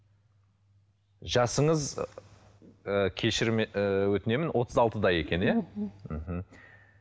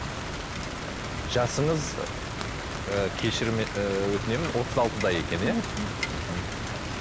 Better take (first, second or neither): first